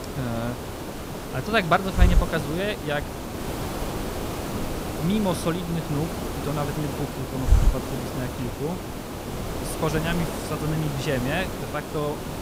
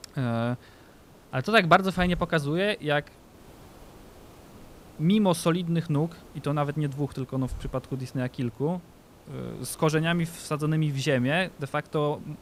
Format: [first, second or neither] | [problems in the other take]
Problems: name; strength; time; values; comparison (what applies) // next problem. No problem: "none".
second | hiss; loud; throughout; 1 dB below the speech; faint in the second